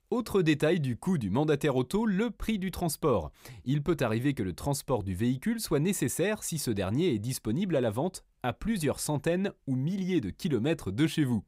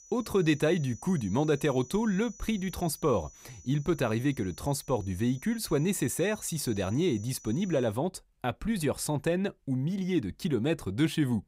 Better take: first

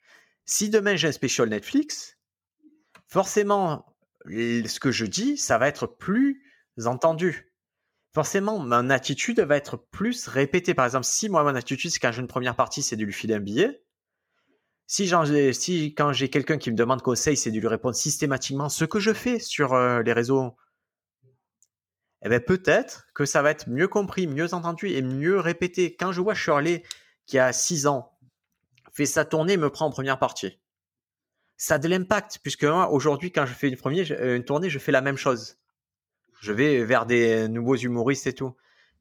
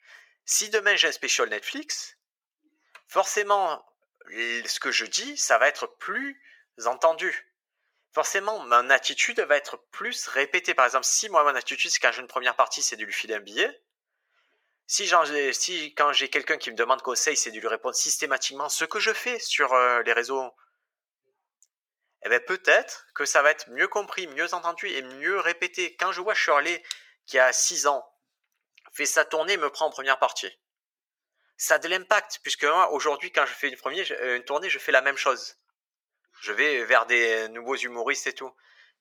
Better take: first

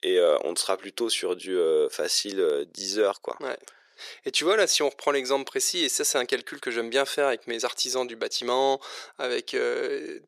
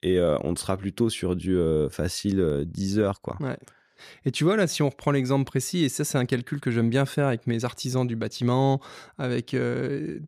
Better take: second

